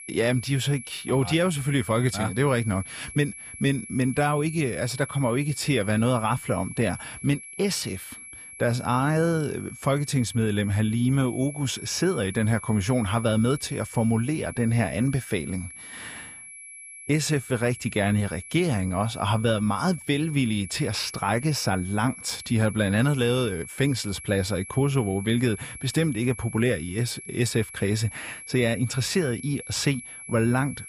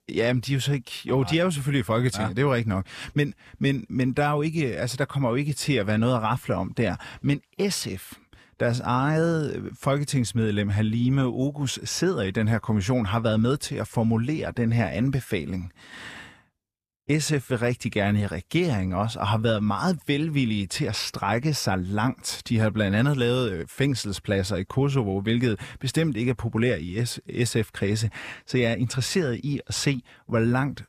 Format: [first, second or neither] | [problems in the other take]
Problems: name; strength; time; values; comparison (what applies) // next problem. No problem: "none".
second | high-pitched whine; noticeable; throughout; 2.5 kHz, 15 dB below the speech